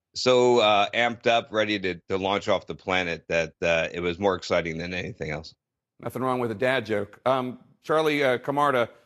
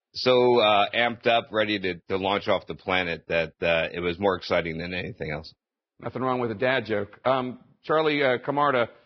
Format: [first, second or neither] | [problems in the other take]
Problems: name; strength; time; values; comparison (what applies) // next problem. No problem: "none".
first | garbled, watery; badly; nothing above 5.5 kHz; slightly in the first